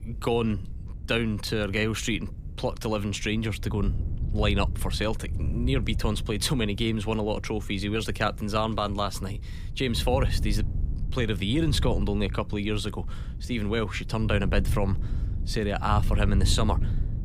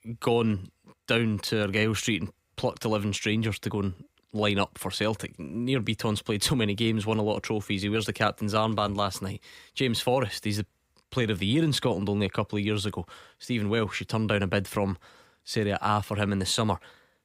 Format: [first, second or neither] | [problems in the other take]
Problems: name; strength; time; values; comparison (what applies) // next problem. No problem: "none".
second | wind noise on the microphone; occasional gusts; 15 dB below the speech